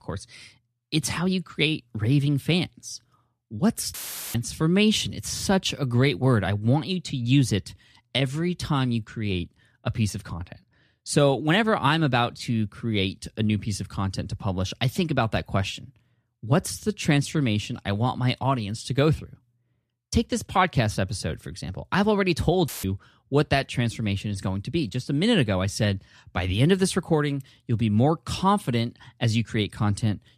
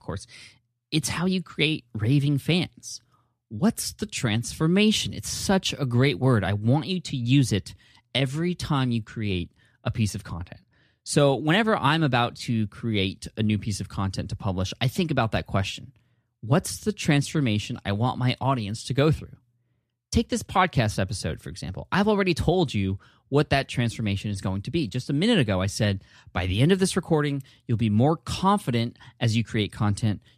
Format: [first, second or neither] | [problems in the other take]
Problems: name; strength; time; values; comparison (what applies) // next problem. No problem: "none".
second | audio cutting out; filled with static; at 4 s and at 23 s